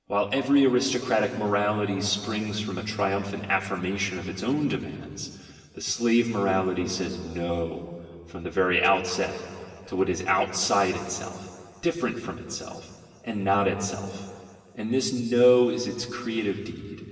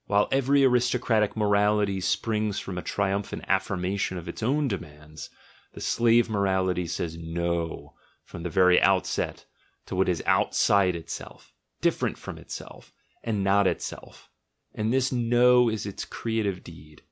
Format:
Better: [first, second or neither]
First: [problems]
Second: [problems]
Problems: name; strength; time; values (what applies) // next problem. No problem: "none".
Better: second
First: room echo; dies away in 2.3 s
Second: none